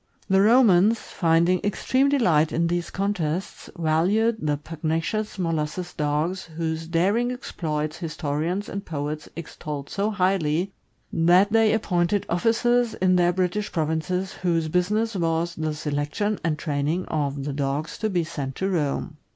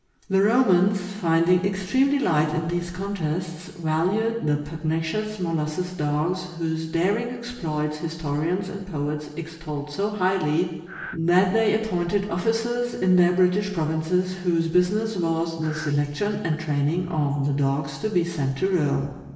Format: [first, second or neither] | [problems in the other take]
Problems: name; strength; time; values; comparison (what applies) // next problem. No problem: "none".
first | background sound (Breathing); 12 dB below the speech // room echo; dies away in 1 s